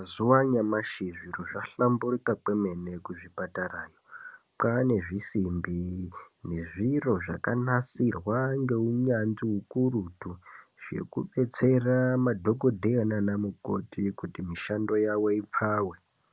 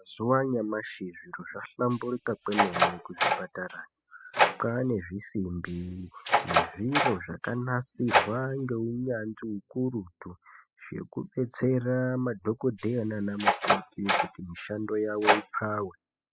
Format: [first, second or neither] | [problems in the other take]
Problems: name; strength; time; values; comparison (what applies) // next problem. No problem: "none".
first | noise reduction (classical method spectral subtraction)